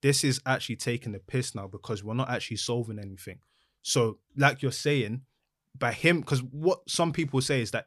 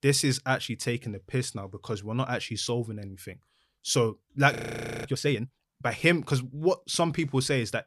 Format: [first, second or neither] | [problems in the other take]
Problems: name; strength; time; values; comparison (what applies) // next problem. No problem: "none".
first | audio freezing; at 4.5 s for 0.5 s